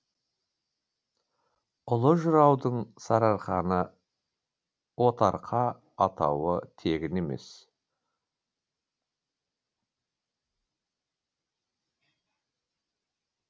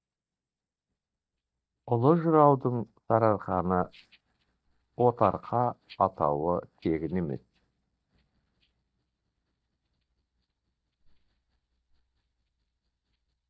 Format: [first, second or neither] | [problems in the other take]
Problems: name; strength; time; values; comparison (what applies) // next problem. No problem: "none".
first | noise reduction (neural mask model DeepFilterNet 3)